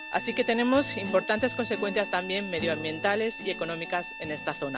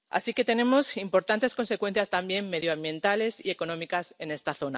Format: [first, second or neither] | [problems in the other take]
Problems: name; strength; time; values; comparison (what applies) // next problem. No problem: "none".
second | background sound (Guitar + Bowed string instrument); 9 dB below the speech